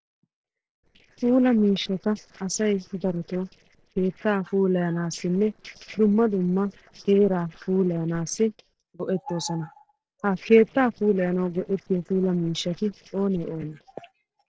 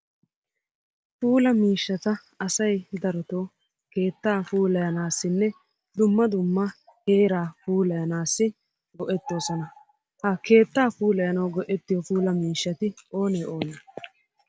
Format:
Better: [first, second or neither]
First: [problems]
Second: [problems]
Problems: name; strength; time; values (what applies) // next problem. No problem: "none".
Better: second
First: noise reduction (neural separator model SepFormer DNS4)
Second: none